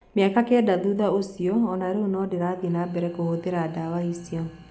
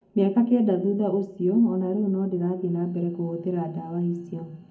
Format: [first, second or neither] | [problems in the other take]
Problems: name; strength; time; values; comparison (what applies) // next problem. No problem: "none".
first | room echo; dies away in 0.3 s